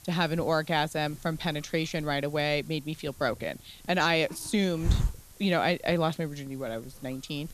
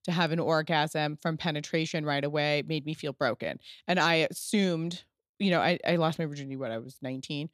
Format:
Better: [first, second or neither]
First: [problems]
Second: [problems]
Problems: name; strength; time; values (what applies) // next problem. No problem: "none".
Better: second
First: hiss; loud; throughout; 9 dB below the speech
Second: none